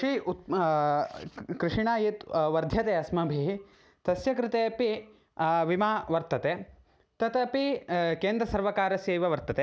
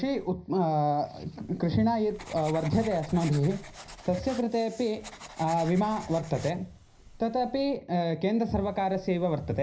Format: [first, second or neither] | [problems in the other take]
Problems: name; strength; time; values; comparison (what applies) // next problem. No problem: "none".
first | background sound (Writing); 20 dB below the speech // room echo; dies away in 0.4 s